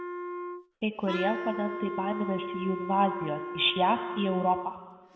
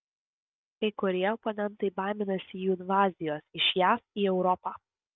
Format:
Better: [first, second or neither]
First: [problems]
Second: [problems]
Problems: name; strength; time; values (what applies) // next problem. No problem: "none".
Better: second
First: background sound (Wind instrument, woodwind instrument); 6 dB below the speech // room echo; dies away in 1.2 s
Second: none